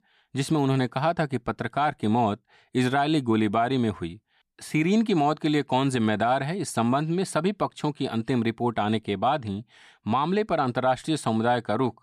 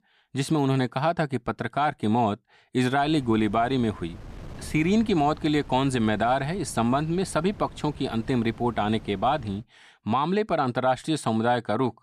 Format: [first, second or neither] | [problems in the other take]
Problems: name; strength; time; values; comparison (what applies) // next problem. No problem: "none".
first | wind noise on the microphone; occasional gusts; from 3 to 9.5 s; 25 dB below the speech